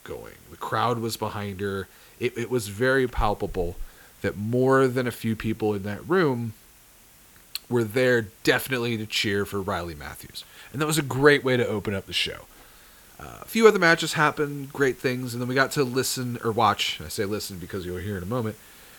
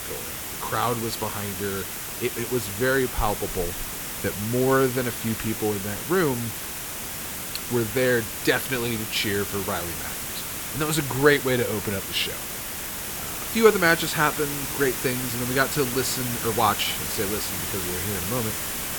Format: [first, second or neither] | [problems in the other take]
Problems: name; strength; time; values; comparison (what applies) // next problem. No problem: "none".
first | hiss; loud; throughout; 4 dB below the speech; faint in the first